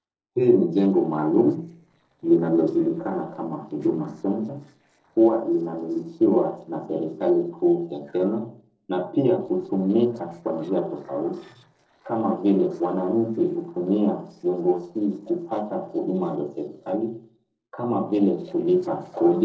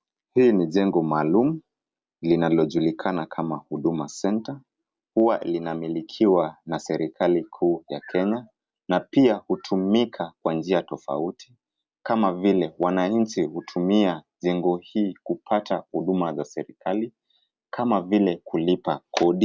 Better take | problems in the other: second | noise reduction (neural separator model SepFormer DNS4)

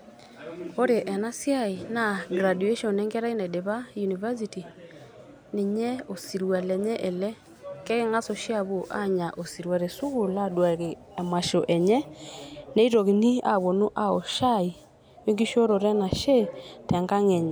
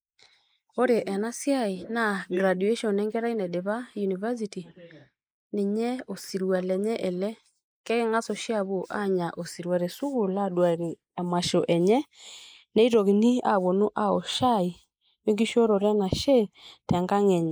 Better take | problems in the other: first | noise reduction (neural mask model Resemble Enhance denoiser)

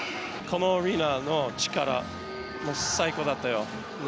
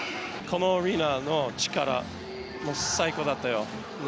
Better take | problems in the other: second | background sound (Wind instrument, woodwind instrument); 16 dB below the speech

